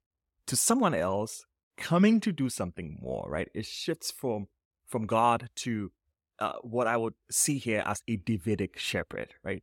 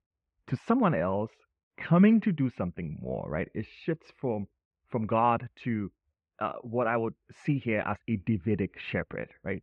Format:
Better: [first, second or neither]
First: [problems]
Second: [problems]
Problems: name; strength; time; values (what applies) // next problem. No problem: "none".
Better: first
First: none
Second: muffled; very; fading above 2.5 kHz